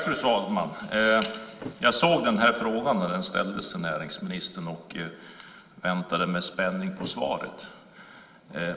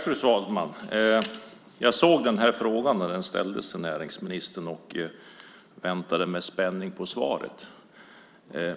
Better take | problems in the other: second | background sound (Thump, thud); 20 dB below the speech // room echo; dies away in 2.4 s

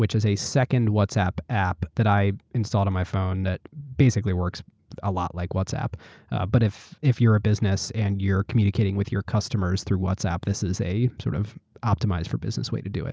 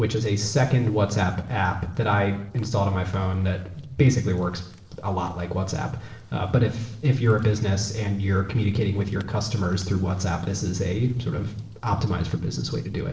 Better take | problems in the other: first | noise reduction (neural separator model SepFormer DNS4)

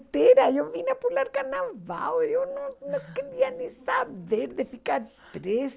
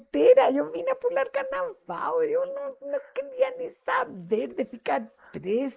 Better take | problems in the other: first | noise reduction (neural mask model Resemble Enhance denoiser)

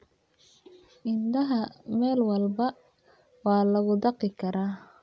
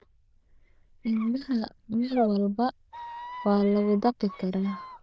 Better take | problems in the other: first | noise reduction (neural diffusion model UNIVERSE++)

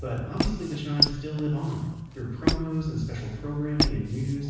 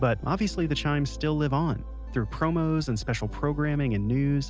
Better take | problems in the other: second | background sound (Squeak); 1 dB below the speech // room echo; dies away in 1.1 s

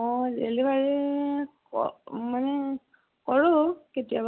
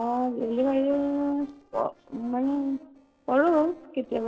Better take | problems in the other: first | noise reduction (neural separator model SepFormer DNS4)

